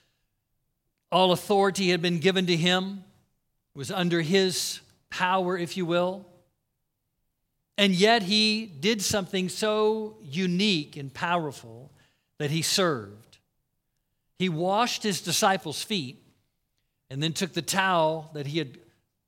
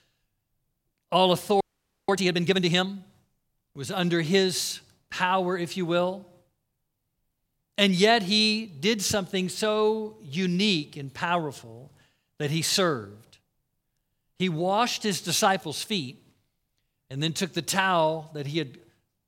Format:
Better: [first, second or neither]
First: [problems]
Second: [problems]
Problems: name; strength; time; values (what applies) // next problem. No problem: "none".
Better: first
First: none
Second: audio freezing; at 1.5 s